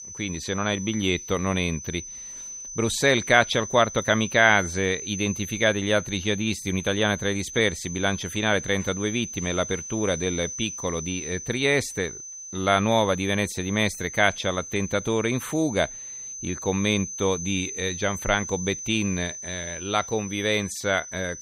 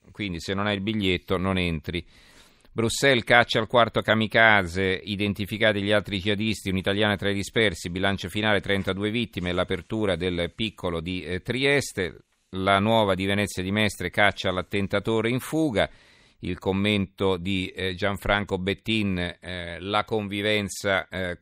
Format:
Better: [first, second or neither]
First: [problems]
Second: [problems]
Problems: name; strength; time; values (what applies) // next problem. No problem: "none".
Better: second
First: high-pitched whine; loud; throughout; 6 kHz, 10 dB below the speech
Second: none